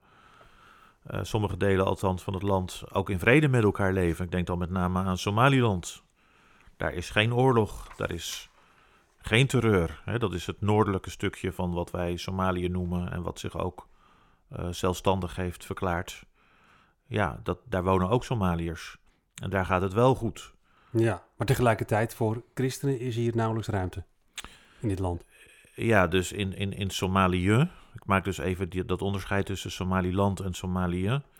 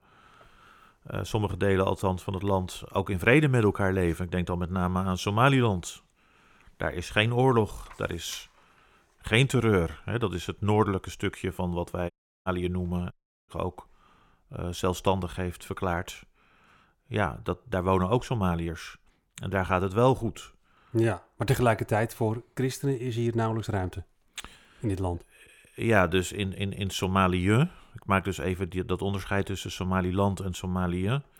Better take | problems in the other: first | audio cutting out; at 12 s and at 13 s

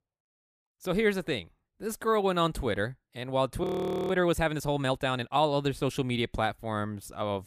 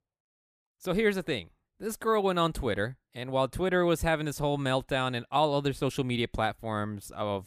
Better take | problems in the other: second | audio freezing; at 3.5 s

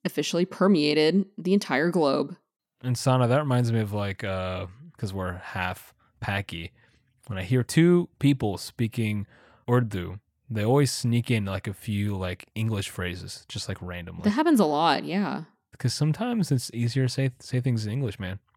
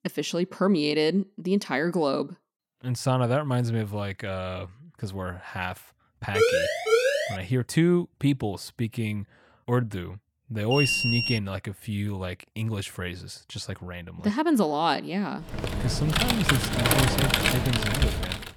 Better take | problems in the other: first | siren; loud; from 6.5 to 7.5 s; peak 6 dB above the speech // alarm; loud; at 11 s; peak 4 dB above the speech // keyboard typing; loud; from 16 s on; peak 6 dB above the speech

